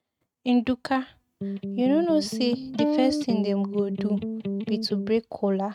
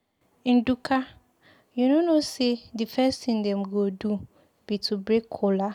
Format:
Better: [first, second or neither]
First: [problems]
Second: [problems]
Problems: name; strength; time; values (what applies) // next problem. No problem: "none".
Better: second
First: noise reduction (neural mask model RNNoise)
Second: none